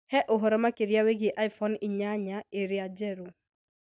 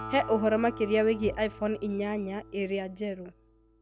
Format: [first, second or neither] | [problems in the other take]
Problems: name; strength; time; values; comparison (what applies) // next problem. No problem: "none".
first | background sound (Bowed string instrument + Acoustic guitar); 14 dB below the speech